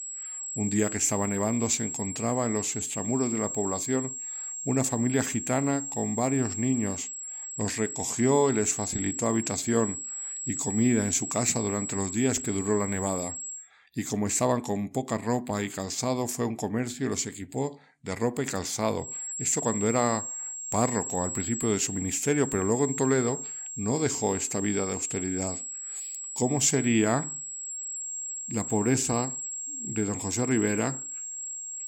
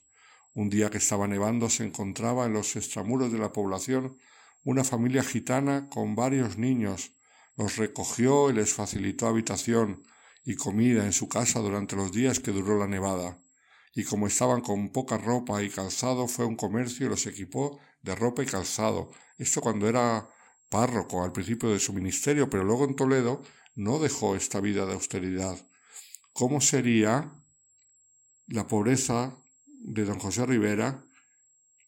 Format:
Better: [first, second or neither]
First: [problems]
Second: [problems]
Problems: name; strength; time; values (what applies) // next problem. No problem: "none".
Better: second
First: high-pitched whine; loud; until 14 s and from 19 s on; 7.5 kHz, 5 dB below the speech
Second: high-pitched whine; faint; until 14 s and from 19 s on; 7.5 kHz, 35 dB below the speech